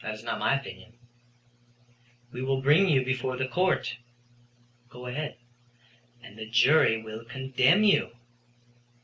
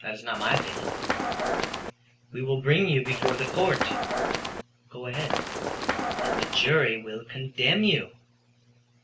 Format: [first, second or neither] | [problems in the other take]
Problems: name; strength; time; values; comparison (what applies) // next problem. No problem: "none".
first | background sound (Run); as loud as the speech